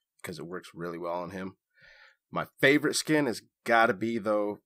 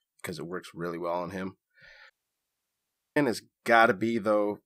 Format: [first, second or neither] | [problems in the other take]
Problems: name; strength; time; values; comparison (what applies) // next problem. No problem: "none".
first | audio cutting out; at 2 s for 1 s